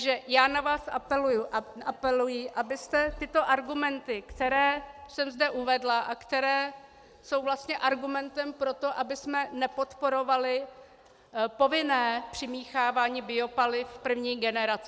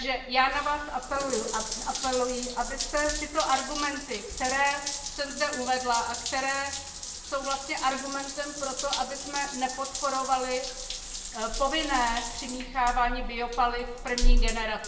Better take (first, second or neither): first